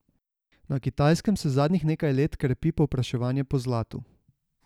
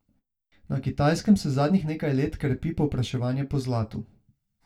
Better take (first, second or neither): first